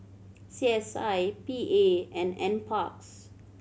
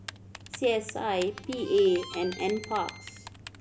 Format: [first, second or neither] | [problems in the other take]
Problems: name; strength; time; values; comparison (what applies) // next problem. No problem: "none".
first | background sound (Typing + Harmonica); 15 dB below the speech